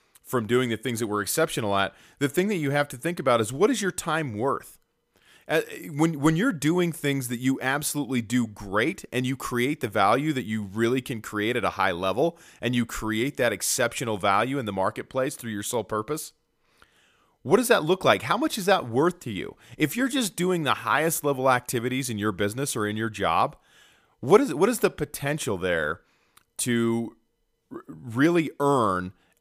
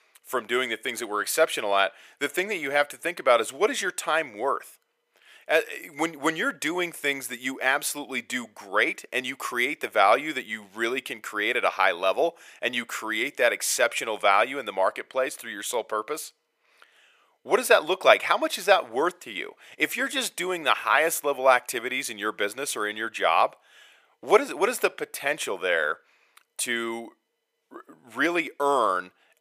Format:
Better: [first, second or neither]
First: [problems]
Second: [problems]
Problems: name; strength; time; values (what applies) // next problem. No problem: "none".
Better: first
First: none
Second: thin; somewhat; fading below 500 Hz